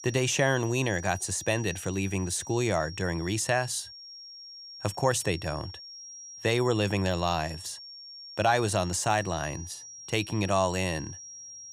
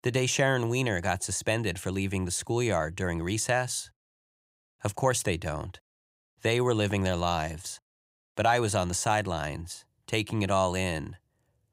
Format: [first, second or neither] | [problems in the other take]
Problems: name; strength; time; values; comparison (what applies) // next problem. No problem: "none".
second | high-pitched whine; noticeable; throughout; 5.5 kHz, 15 dB below the speech